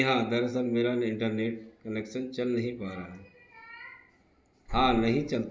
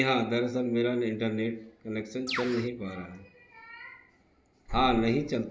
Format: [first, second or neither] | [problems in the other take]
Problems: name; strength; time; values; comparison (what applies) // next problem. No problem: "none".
first | background sound (Bird); 5 dB below the speech